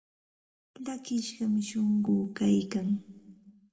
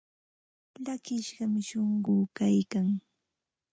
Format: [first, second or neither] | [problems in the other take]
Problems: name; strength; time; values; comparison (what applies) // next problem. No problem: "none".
second | room echo; dies away in 1 s